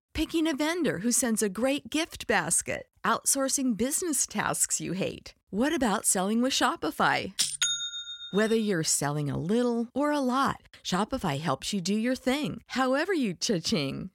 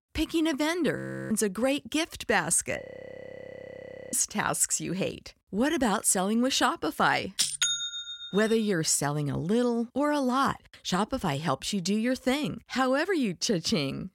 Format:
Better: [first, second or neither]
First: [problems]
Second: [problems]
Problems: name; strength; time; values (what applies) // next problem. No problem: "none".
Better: first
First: none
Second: audio freezing; at 1 s and at 3 s for 1.5 s